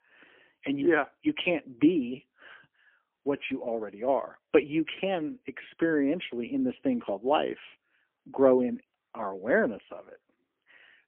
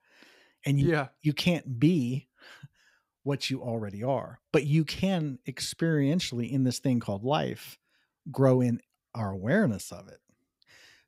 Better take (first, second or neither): second